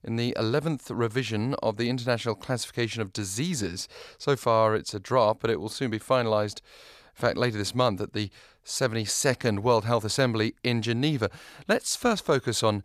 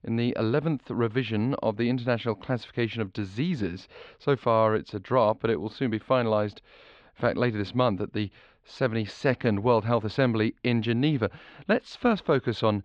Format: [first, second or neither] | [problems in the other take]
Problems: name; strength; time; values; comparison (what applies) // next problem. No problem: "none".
first | muffled; slightly; fading above 3 kHz